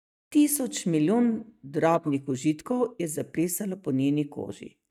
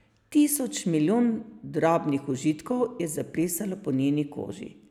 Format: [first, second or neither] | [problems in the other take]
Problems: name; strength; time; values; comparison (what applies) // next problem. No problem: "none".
second | noise reduction (neural mask model DeepFilterNet 3)